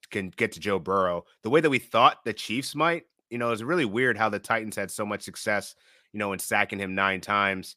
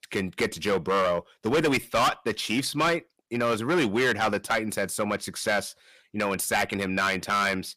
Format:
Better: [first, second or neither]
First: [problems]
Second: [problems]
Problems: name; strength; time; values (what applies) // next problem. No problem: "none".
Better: first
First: none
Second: distortion; heavy; 9% of the sound clipped